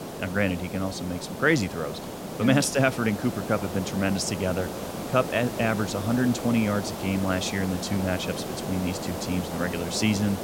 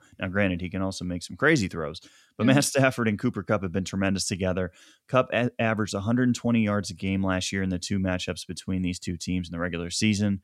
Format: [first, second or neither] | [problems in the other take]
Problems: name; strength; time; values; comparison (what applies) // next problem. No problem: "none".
second | hiss; loud; throughout; 7 dB below the speech